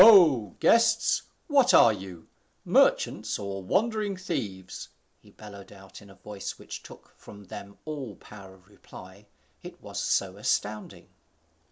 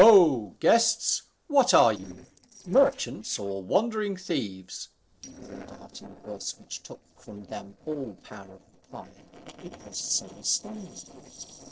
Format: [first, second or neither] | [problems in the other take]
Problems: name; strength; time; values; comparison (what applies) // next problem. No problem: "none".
first | noise reduction (neural separator model SepFormer DNS4)